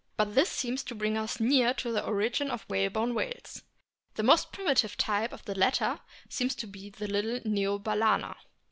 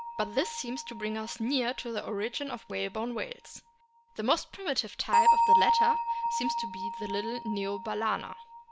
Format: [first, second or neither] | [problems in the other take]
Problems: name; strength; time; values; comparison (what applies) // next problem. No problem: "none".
first | background sound (Bell); 2 dB above the speech